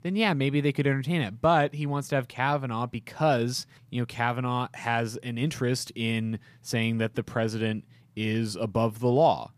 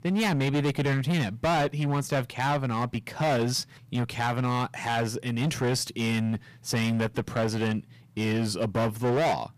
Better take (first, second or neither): first